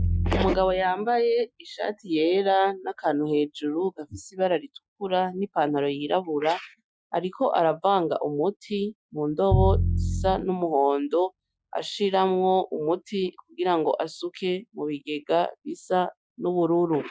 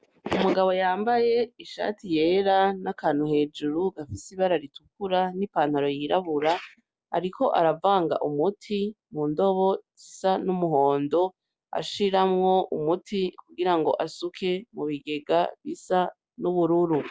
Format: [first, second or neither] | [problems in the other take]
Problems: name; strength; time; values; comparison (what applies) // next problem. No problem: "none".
second | noise reduction (classical method Wiener filter)